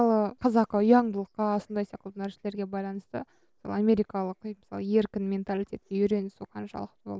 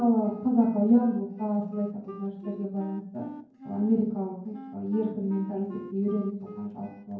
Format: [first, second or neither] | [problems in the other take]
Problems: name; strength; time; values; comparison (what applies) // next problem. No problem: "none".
first | background sound (Wind instrument, woodwind instrument); 18 dB below the speech // room echo; dies away in 0.9 s